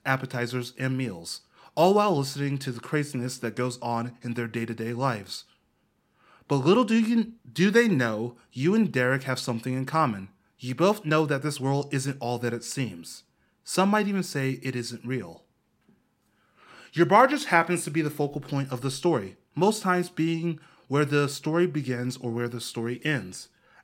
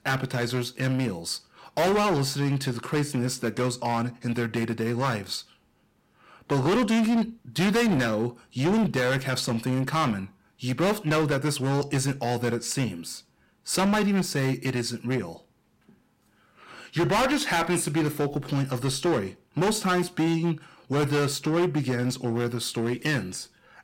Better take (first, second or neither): first